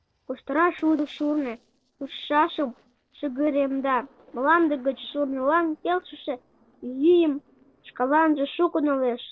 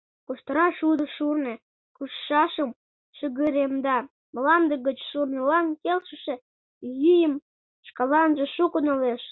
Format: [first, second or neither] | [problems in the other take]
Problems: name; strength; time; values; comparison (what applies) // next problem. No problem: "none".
second | noise reduction (neural separator model SepFormer DNS4)